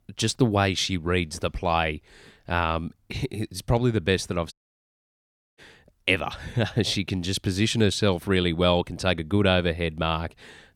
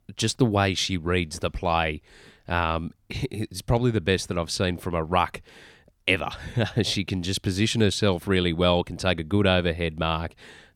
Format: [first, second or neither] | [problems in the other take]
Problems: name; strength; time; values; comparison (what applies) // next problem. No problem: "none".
second | audio cutting out; at 4.5 s for 1 s